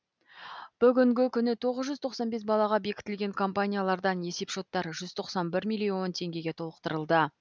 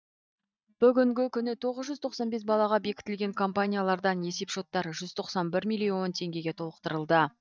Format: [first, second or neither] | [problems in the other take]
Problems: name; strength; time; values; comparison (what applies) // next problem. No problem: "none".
first | noise reduction (neural mask model DeepFilterNet 3)